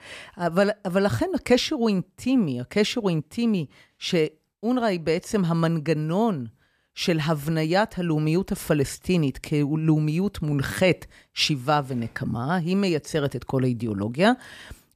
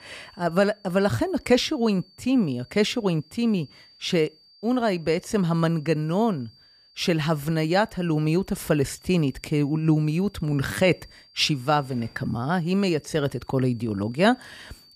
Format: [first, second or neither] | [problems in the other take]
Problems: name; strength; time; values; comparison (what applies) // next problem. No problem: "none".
first | high-pitched whine; faint; throughout; 4.5 kHz, 30 dB below the speech